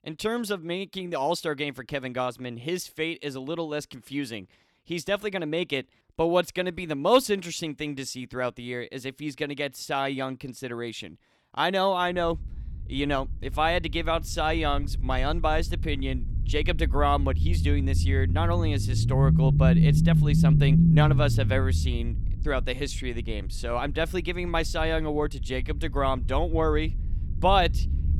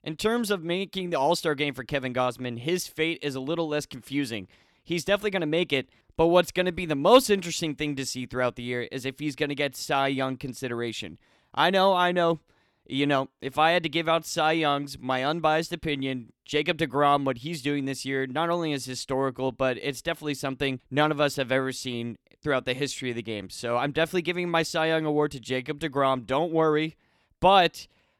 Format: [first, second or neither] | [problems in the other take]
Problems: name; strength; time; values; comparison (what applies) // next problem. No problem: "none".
second | low rumble; loud; from 12 s on; 6 dB below the speech